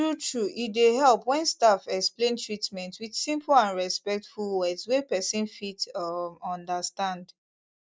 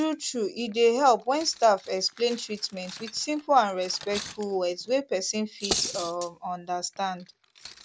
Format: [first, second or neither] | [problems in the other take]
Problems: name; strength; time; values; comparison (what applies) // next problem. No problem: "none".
first | background sound (Cutlery, silverware); 13 dB below the speech